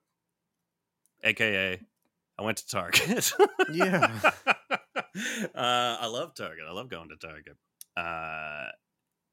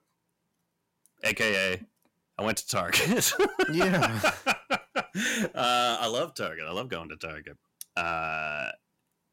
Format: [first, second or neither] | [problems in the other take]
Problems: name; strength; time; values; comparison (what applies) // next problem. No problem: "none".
first | distortion; heavy; 6 dB below the speech